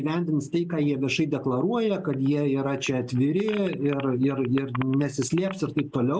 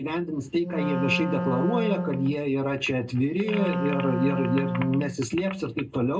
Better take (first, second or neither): first